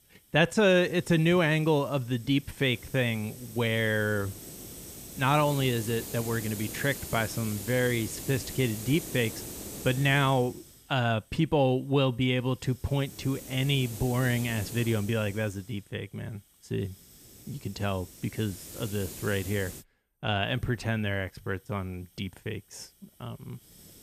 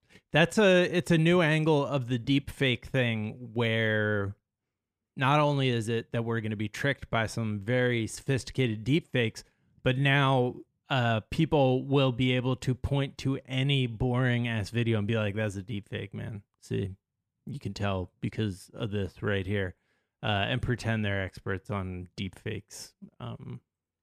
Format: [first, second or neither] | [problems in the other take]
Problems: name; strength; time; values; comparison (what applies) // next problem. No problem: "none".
second | hiss; noticeable; throughout; 10 dB below the speech